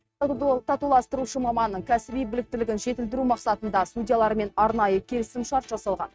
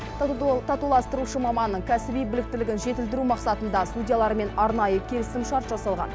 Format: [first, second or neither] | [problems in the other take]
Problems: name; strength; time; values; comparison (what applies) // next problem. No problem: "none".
second | noise reduction (neural mask model RNNoise)